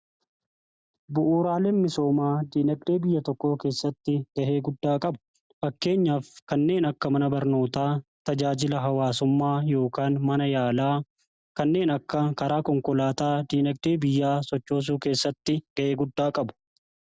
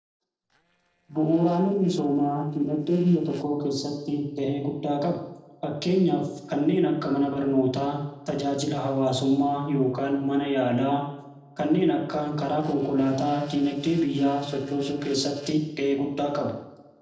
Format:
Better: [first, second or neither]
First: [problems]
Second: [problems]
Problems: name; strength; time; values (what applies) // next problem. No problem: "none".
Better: first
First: none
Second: noise reduction (neural separator model SepFormer DNS4)